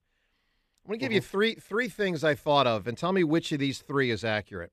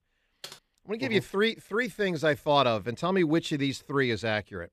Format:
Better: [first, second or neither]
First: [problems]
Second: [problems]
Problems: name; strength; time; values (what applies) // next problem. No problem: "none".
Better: first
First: none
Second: keyboard typing; faint; at 0.5 s; peak 15 dB below the speech